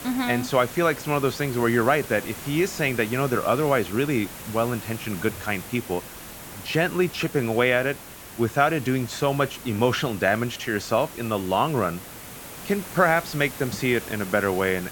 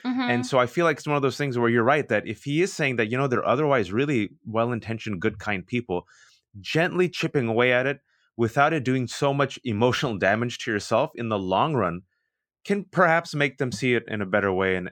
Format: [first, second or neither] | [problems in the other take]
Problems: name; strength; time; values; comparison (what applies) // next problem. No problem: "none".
second | hiss; noticeable; throughout; 15 dB below the speech